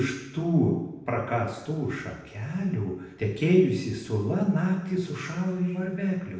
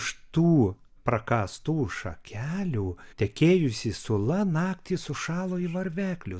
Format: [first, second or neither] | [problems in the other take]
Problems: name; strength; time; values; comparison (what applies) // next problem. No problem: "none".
second | room echo; dies away in 0.9 s